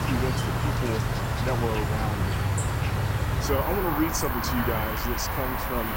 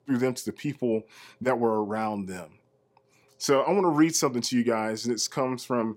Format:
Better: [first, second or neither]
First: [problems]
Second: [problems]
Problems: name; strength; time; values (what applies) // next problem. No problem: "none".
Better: second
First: animal sounds; very loud; throughout; 4 dB above the speech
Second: none